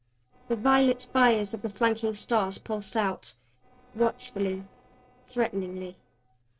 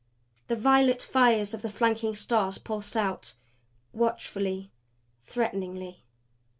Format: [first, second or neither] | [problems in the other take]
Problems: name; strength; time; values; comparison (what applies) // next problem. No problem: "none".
second | noise reduction (neural separator model SepFormer DNS4)